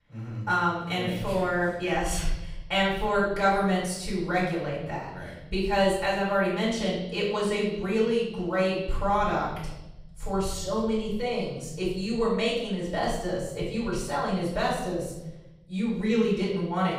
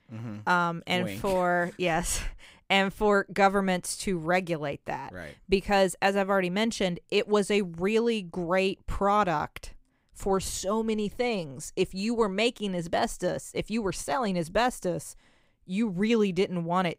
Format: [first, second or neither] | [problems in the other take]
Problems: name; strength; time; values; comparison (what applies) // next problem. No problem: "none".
second | off-mic speech; far // room echo; noticeable; dies away in 1.1 s